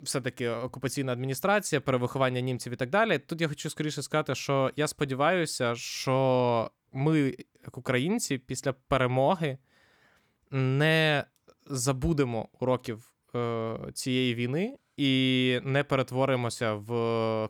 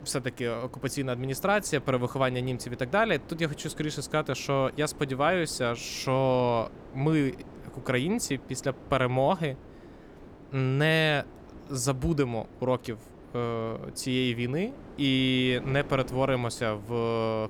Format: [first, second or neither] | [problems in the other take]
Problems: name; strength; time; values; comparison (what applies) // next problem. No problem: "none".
first | wind noise on the microphone; occasional gusts; 20 dB below the speech